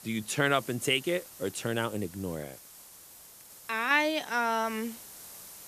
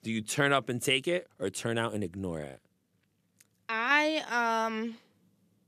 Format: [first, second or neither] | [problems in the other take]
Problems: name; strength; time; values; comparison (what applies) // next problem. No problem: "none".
second | hiss; noticeable; throughout; 15 dB below the speech